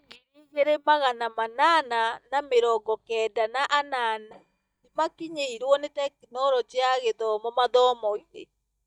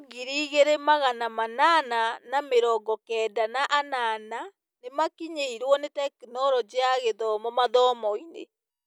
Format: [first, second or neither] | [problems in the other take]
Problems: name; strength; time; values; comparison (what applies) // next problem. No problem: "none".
second | noise reduction (neural mask model DeepFilterNet 3)